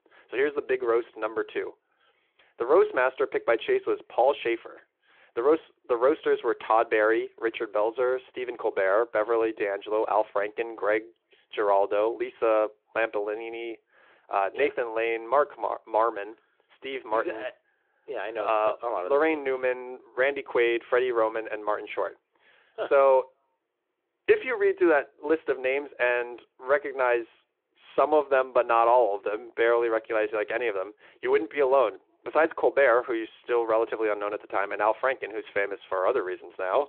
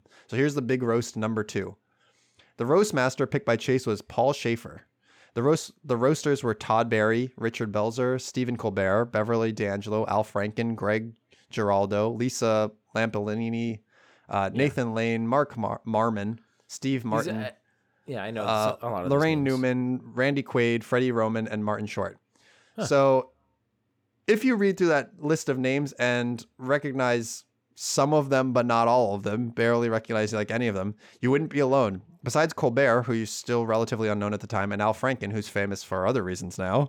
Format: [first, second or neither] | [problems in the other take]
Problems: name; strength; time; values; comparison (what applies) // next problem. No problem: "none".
second | phone-call audio